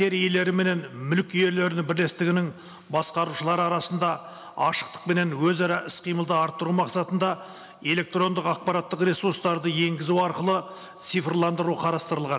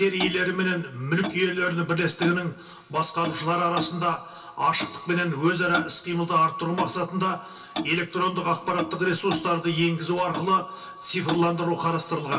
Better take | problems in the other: first | background sound (Clock); 12 dB below the speech // room echo; dies away in 0.2 s

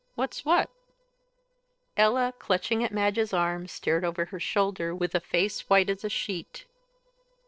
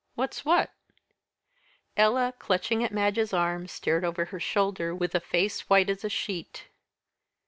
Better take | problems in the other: second | noise reduction (neural separator model SepFormer DNS4)

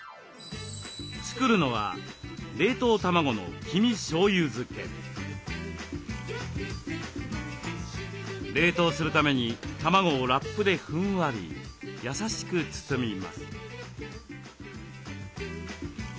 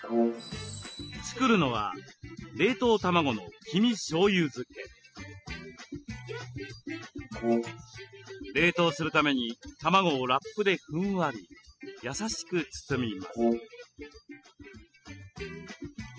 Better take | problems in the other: first | noise reduction (classical method spectral subtraction)

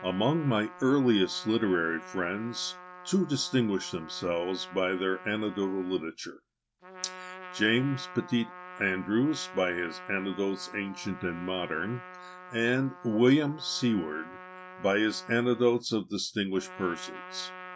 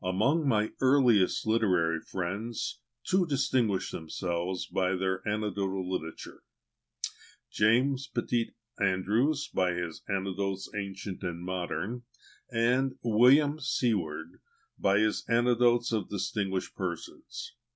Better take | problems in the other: second | background sound (Trumpet); 16 dB below the speech

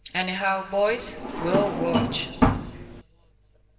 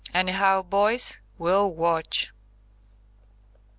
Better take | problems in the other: second | background sound (Drawer open or close); 2 dB above the speech // room echo; dies away in 2.7 s

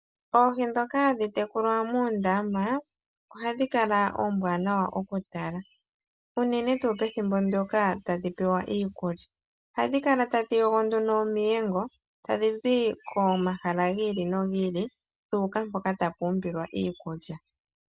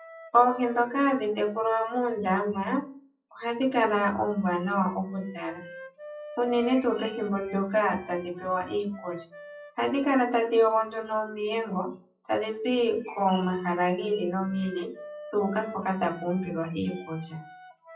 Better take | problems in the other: first | noise reduction (classical method WPE with log-MMSE)

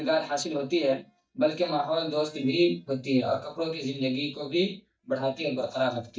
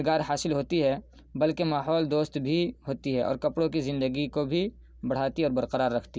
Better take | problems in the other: second | noise reduction (neural mask model DeepFilterNet 3)

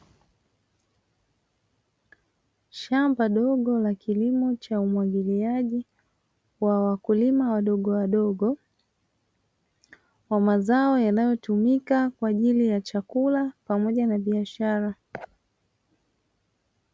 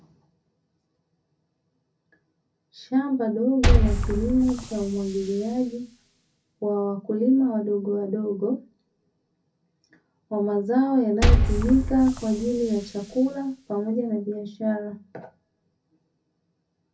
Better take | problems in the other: first | background sound (Liquid); 1 dB above the speech // room echo; dies away in 0.3 s

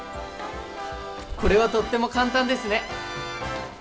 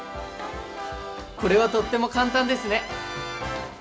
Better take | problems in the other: second | background sound (Bird); 12 dB below the speech

